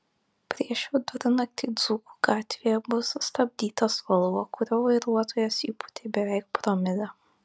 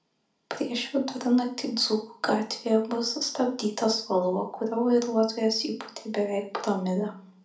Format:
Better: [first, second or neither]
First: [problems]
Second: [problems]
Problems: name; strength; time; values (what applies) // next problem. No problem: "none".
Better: first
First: none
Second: room echo; dies away in 0.4 s